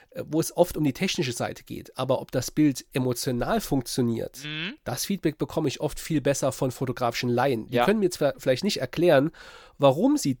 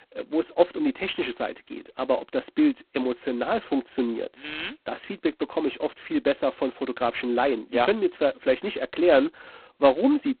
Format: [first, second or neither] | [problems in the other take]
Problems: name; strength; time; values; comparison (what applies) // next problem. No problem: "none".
first | phone-call audio; poor line; nothing above 4 kHz